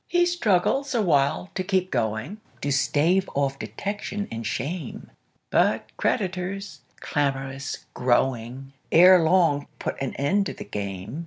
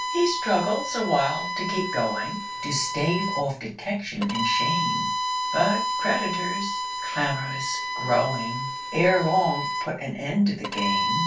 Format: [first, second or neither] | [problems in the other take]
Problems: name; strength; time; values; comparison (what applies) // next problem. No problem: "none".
first | background sound (Bowed string instrument); 3 dB below the speech // room echo; dies away in 0.2 s